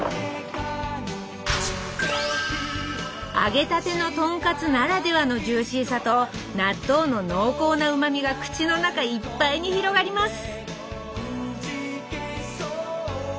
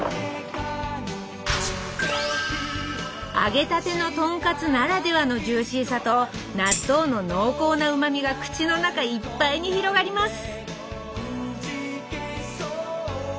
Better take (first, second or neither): first